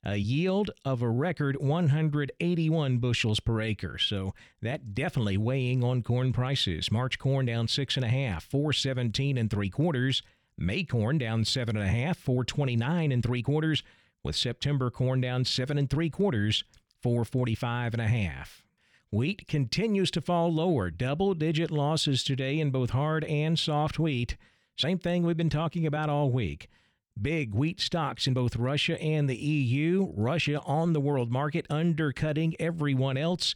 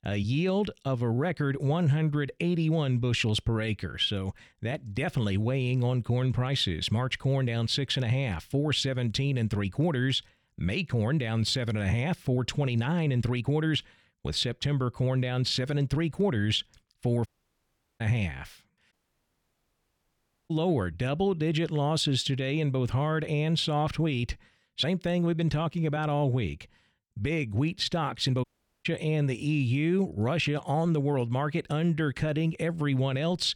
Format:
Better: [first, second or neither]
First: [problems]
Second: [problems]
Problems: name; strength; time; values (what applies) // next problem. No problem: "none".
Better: first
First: none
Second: audio cutting out; at 17 s for 0.5 s, at 19 s for 1.5 s and at 28 s